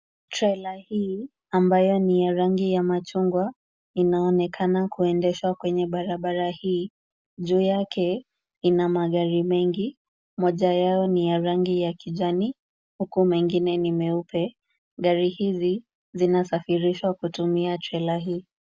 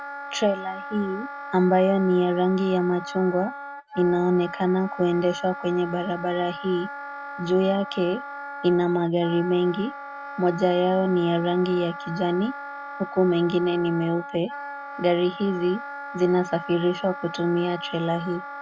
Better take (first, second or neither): first